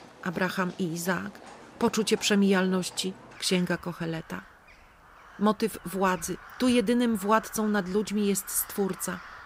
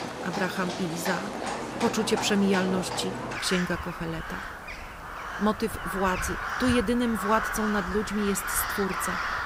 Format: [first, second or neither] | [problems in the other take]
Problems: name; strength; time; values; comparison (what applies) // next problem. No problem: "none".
first | animal sounds; loud; throughout; 4 dB below the speech; faint in the first